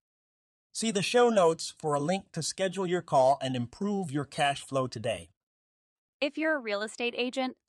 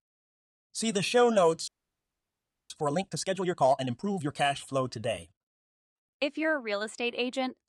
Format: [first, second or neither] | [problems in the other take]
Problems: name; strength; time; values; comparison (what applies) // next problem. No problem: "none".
first | audio freezing; at 1.5 s for 1 s